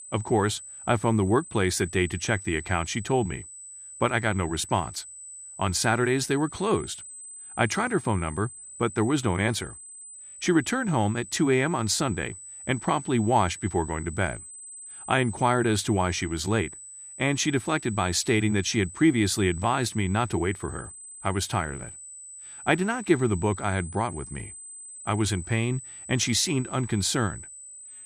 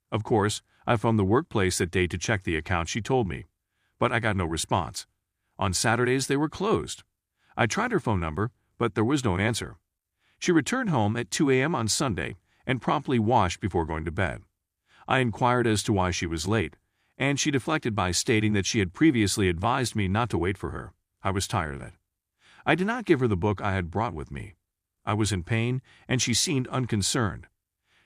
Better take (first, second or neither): second